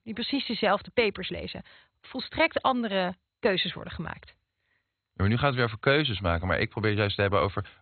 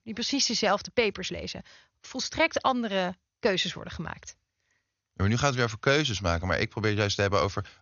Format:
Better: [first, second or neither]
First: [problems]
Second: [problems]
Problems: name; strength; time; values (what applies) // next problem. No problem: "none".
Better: second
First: garbled, watery; badly; nothing above 4 kHz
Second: garbled, watery; slightly; nothing above 6.5 kHz